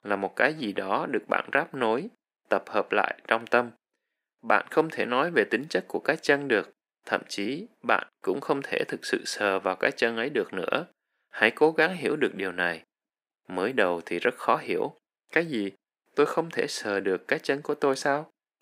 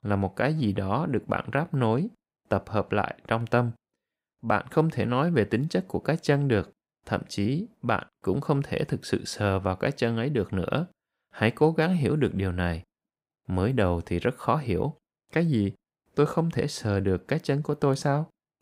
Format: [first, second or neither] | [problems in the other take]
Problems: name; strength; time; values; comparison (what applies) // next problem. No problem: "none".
second | thin; somewhat; fading below 300 Hz